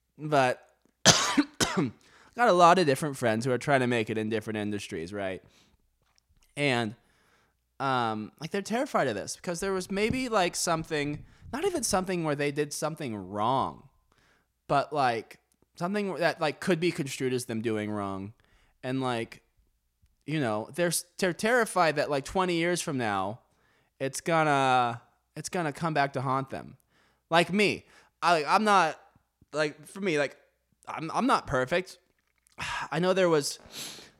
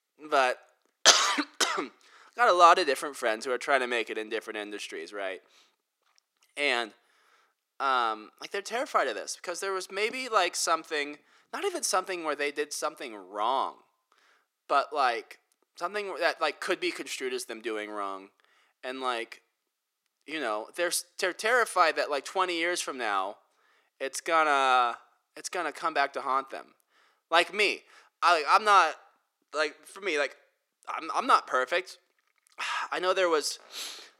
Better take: first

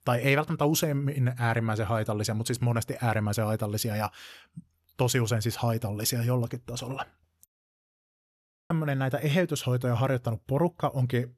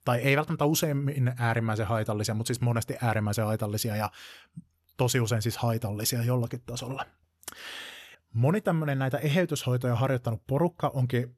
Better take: second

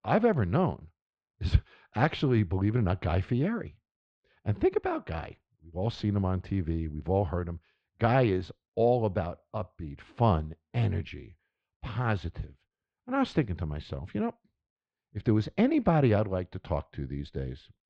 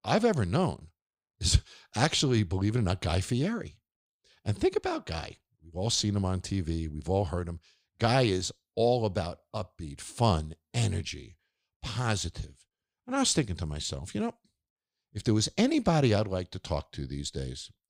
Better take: second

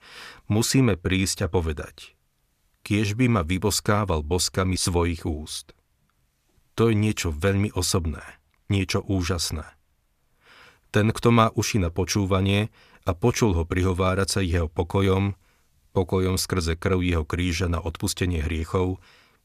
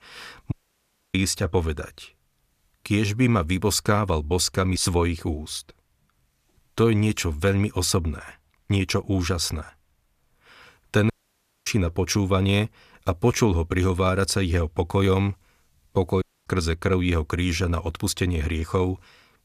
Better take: first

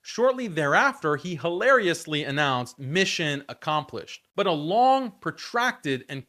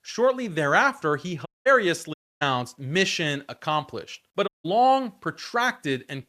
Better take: first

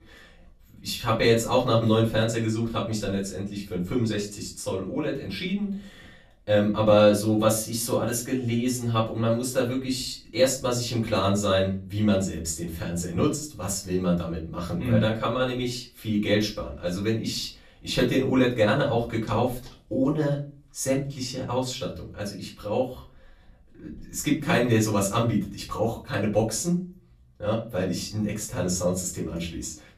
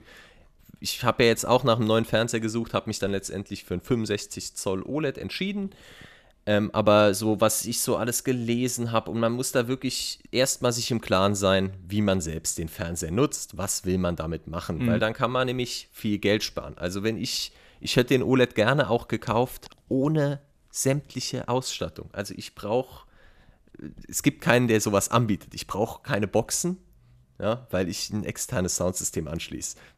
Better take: second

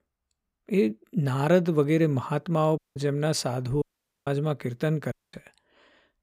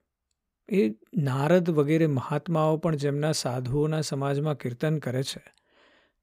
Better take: second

